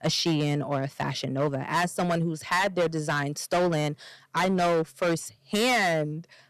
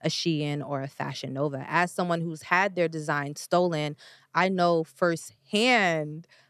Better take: second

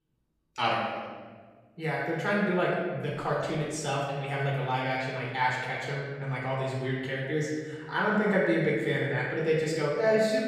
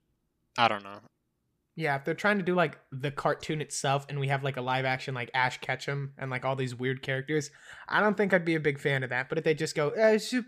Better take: second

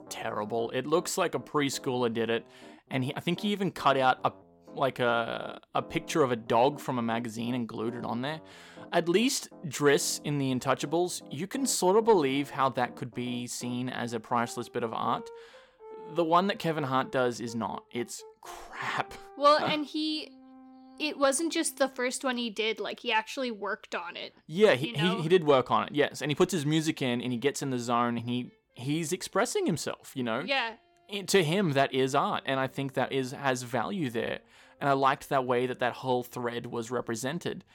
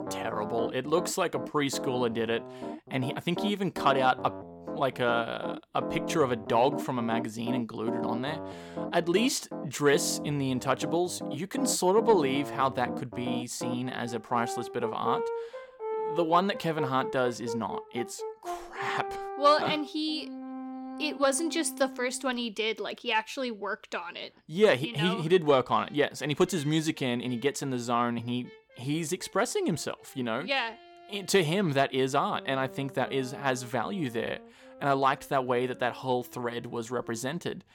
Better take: first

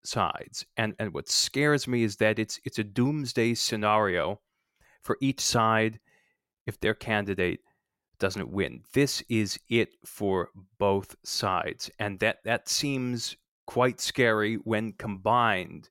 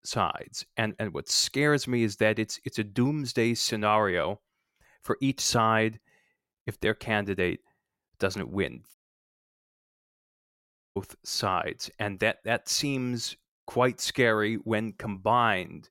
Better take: first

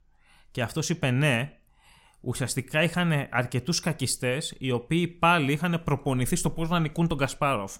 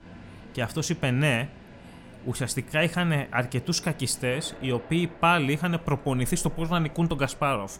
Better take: first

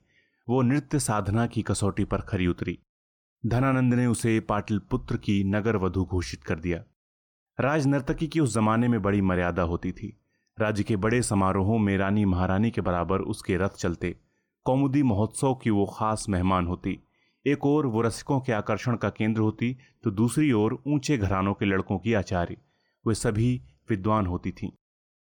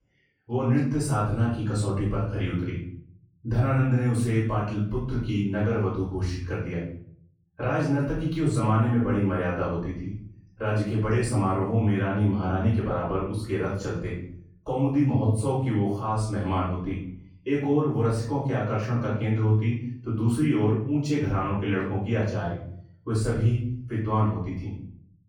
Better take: first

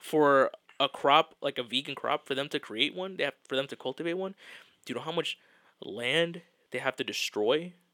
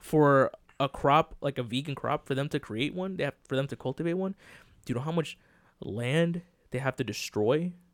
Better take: second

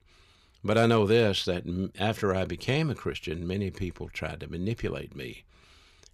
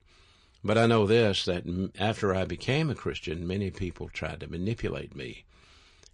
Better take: first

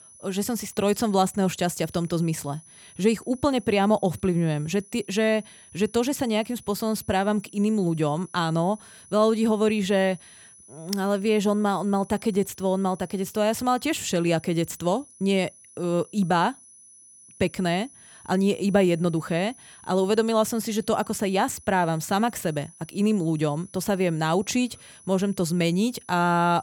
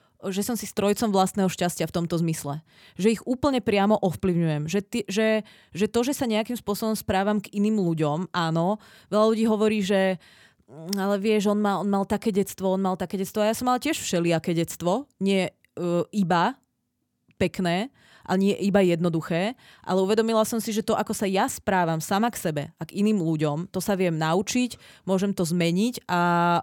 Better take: second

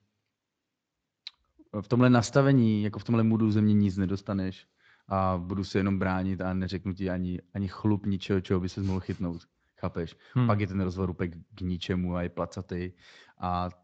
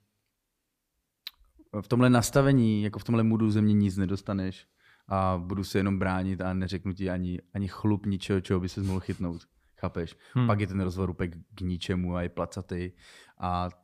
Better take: second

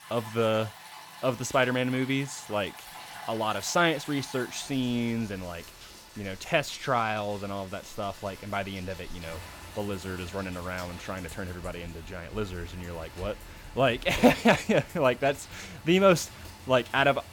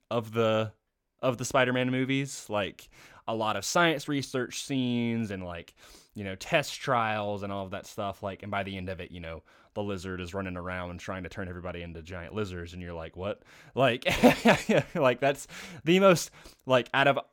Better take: second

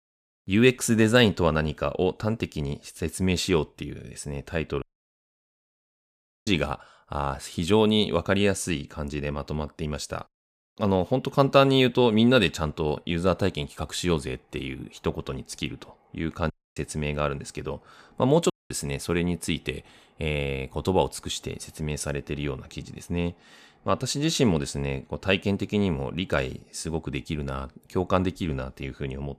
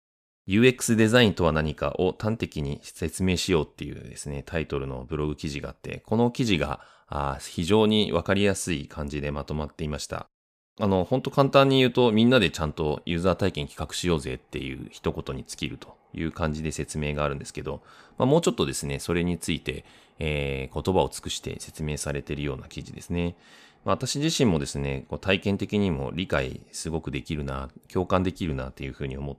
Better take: second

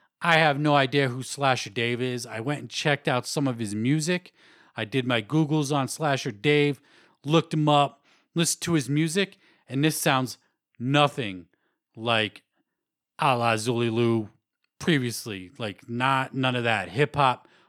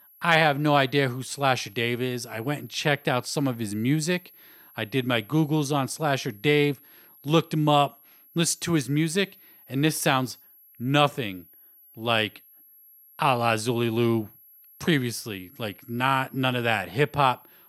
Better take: first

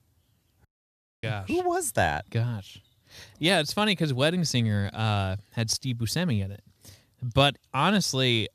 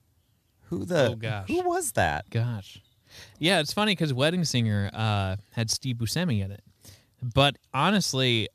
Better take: second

